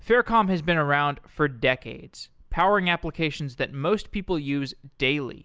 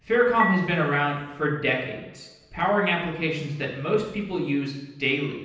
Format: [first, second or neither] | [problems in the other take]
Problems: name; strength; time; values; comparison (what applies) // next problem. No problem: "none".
first | background sound (Dishes, pots, and pans / Chink, clink); 8 dB below the speech // room echo; dies away in 0.9 s